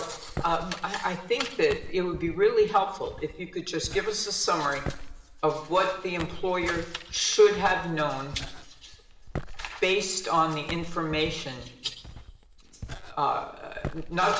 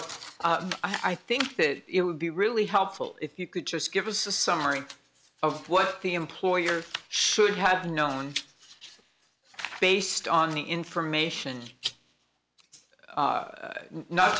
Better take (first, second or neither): second